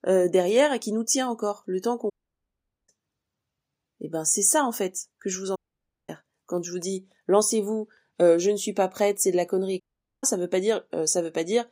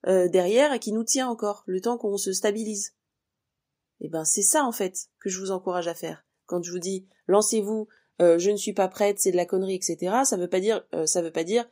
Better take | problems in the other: second | audio cutting out; at 2 s for 1 s, at 5.5 s for 0.5 s and at 10 s

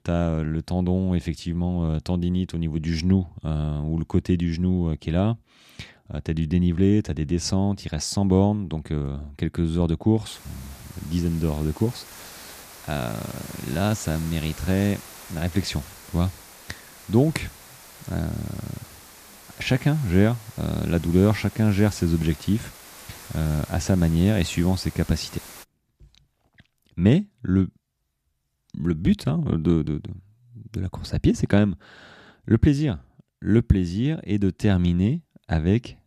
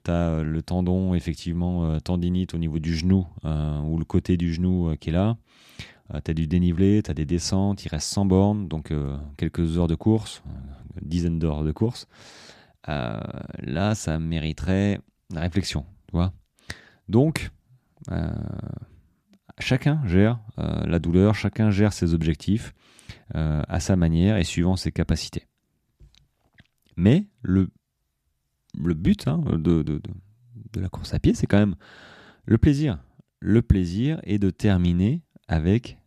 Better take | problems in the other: second | hiss; noticeable; from 10 to 26 s; 20 dB below the speech

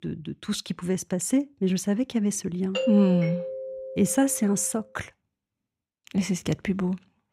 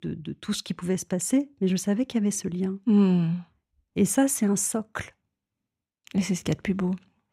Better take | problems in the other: second | doorbell; noticeable; from 3 to 4.5 s; peak 2 dB below the speech

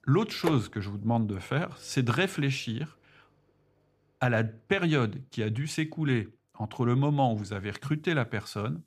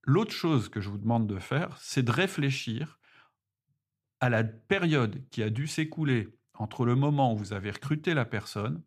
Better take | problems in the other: second | household noises; noticeable; throughout; 10 dB below the speech

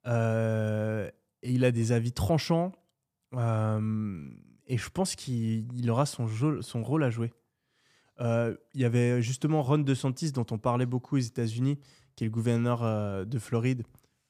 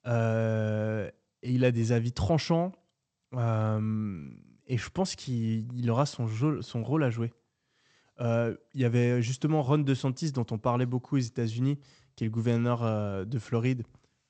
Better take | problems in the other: first | garbled, watery; slightly; nothing above 8 kHz

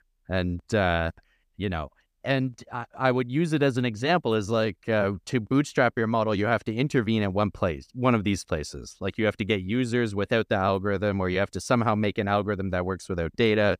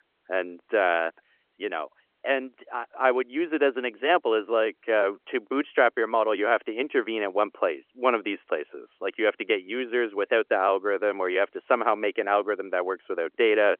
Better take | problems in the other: first | phone-call audio

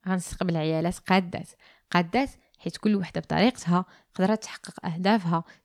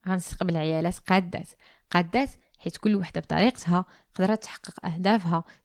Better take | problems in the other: first | garbled, watery; slightly

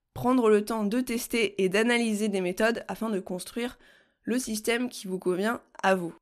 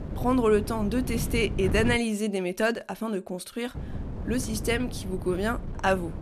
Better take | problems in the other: first | wind noise on the microphone; occasional gusts; until 2 s and from 4 s on; 15 dB below the speech

